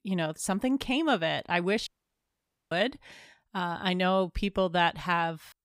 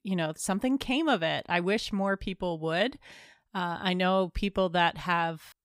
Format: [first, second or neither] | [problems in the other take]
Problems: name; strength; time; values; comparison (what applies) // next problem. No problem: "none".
second | audio cutting out; at 2 s for 1 s